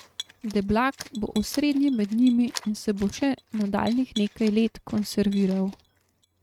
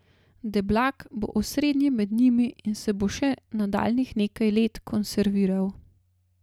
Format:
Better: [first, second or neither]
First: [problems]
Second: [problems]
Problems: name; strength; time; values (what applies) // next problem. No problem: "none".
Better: second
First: noise reduction (neural mask model RNNoise)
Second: none